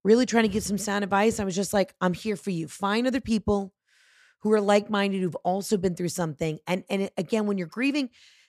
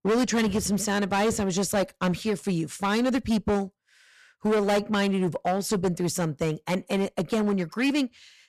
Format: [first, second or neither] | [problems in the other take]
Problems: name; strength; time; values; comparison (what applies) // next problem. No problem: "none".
first | distortion; heavy; 13% of the sound clipped